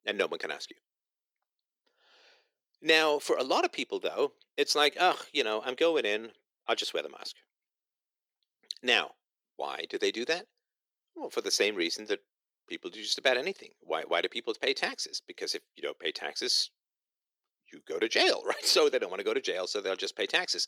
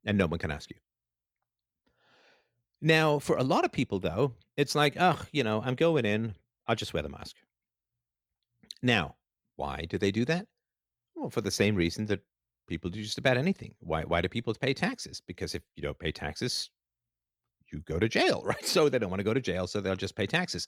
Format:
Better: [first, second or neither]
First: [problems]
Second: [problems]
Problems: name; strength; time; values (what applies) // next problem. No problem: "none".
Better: second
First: thin; very; fading below 350 Hz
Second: none